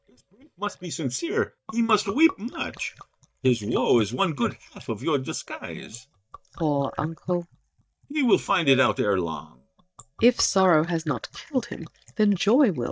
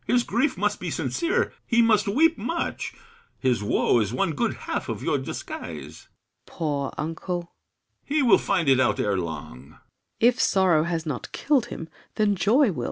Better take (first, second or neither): second